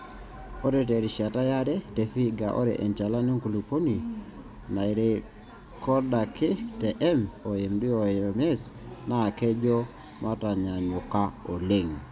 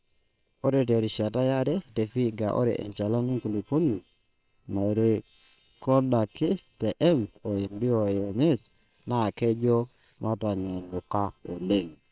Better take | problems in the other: first | noise reduction (neural separator model SepFormer WHAM!)

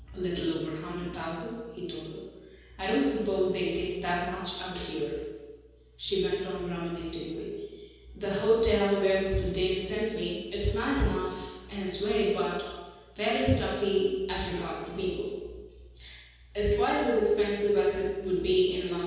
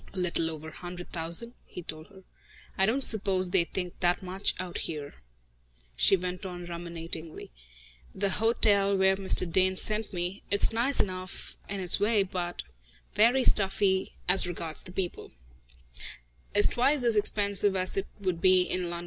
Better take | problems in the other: second | room echo; dies away in 1.2 s

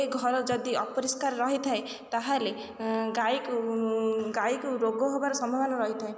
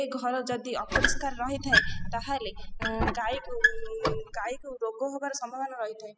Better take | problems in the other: first | noise reduction (classical method spectral subtraction)

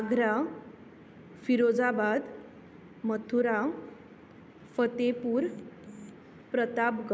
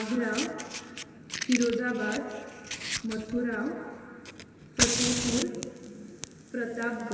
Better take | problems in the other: first | background sound (Fire); 3 dB below the speech // room echo; dies away in 2.5 s

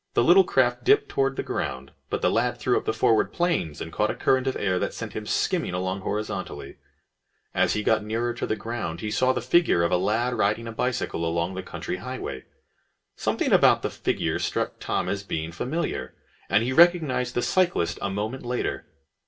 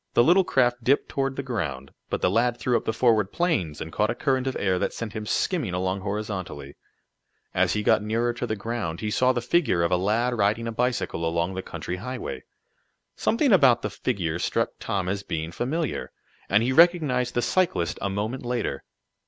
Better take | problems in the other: second | room echo; dies away in 0.2 s

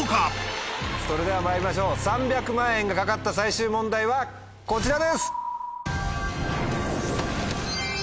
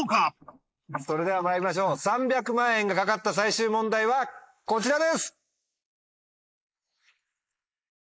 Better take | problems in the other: first | noise reduction (neural mask model Resemble Enhance denoiser)

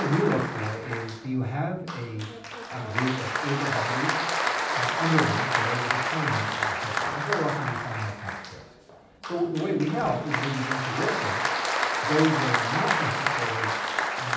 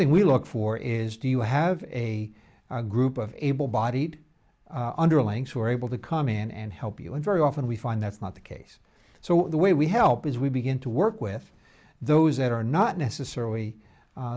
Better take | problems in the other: second | background sound (Applause); 1 dB above the speech // room echo; dies away in 0.6 s

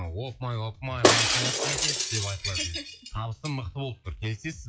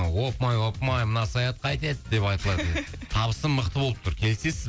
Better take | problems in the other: second | noise reduction (classical method log-MMSE)

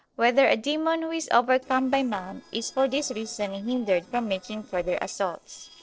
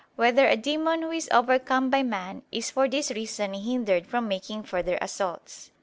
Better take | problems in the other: second | noise reduction (neural separator model SepFormer DNS4)

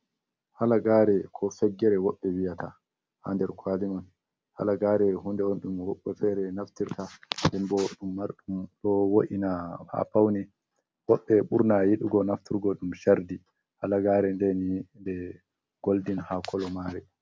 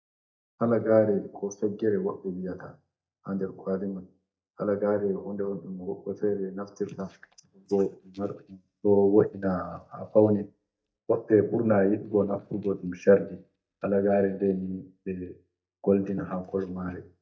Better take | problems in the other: first | noise reduction (neural mask model DeepFilterNet 3)

